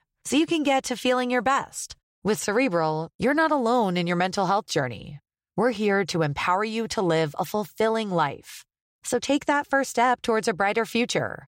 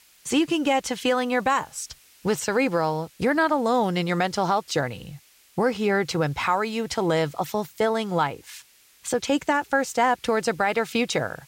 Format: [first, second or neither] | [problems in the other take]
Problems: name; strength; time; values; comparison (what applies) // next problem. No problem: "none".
first | hiss; faint; throughout; 30 dB below the speech